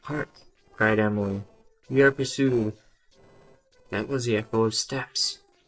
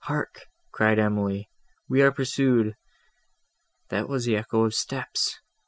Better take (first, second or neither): second